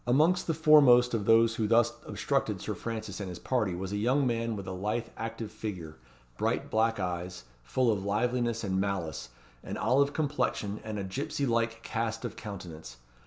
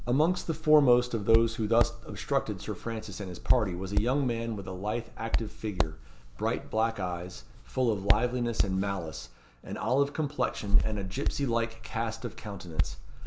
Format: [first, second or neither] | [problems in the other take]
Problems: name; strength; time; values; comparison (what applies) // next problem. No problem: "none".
first | background sound (Hands); as loud as the speech